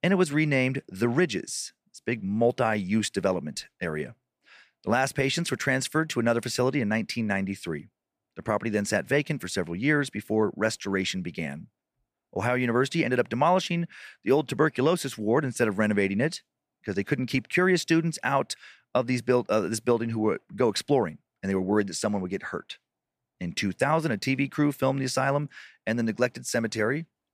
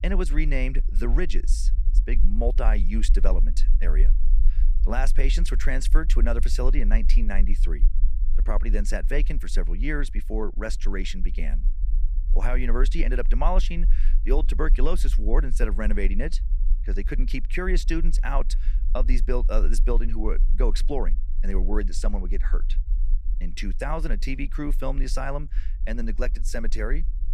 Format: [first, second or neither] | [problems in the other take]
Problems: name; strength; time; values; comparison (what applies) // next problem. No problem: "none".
first | low rumble; noticeable; throughout; 20 dB below the speech